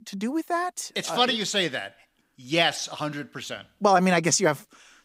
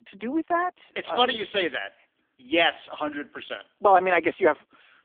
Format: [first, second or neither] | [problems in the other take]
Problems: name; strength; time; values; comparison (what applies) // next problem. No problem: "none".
first | phone-call audio; poor line; nothing above 3.5 kHz